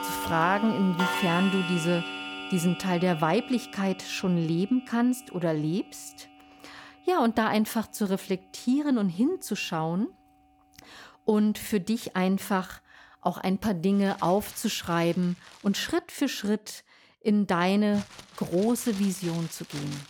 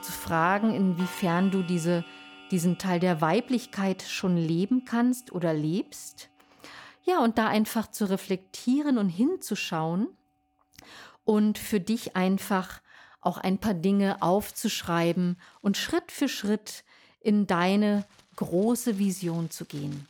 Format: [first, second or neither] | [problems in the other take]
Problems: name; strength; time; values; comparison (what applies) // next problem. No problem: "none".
second | household noises; loud; throughout; 9 dB below the speech; faint in the second